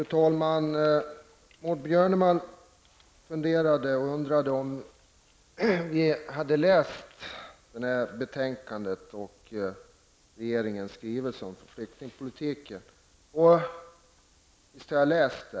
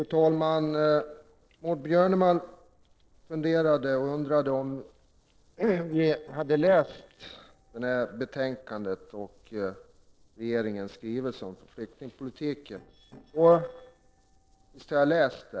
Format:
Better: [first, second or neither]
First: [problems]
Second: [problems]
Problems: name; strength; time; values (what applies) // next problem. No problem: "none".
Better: first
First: none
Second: noise reduction (neural separator model SepFormer DNS4)